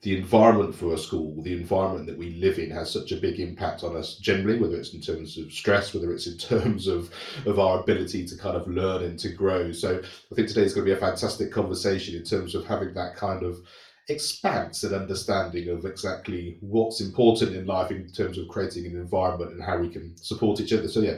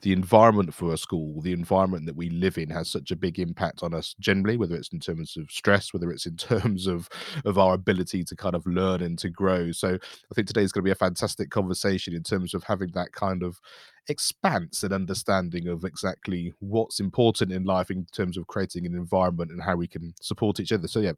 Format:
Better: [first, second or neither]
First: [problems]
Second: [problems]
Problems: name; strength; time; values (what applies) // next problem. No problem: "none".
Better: second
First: room echo; slight; dies away in 0.3 s // off-mic speech; far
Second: none